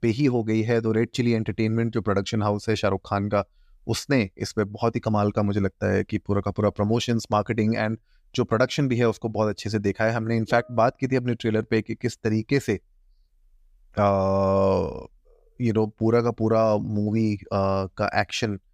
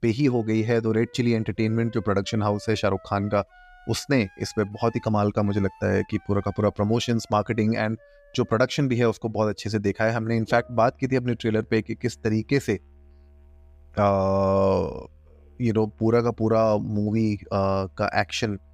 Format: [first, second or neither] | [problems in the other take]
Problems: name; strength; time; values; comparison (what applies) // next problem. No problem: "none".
first | background music; faint; throughout; 30 dB below the speech